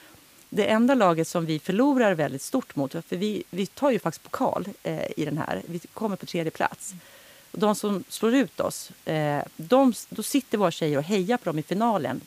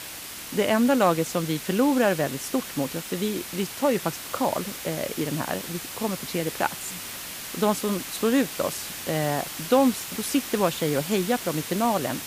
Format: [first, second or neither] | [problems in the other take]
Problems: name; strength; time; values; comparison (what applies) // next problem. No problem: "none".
first | hiss; loud; throughout; 8 dB below the speech; faint in the first